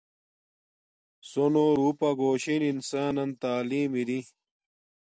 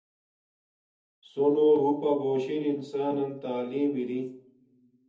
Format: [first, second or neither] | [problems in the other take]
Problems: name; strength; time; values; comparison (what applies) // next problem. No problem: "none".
first | room echo; dies away in 0.7 s